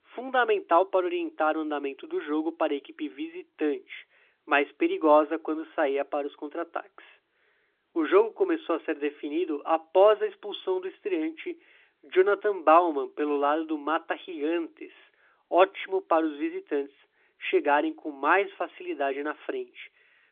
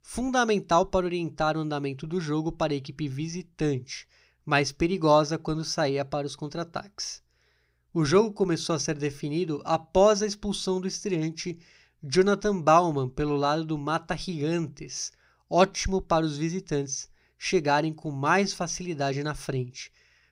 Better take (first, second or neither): second